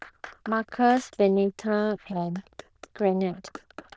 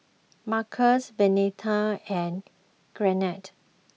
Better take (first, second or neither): second